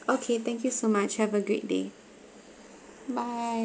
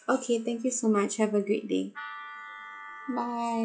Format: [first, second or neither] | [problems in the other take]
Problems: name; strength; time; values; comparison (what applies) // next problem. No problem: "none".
first | noise reduction (classical method log-MMSE)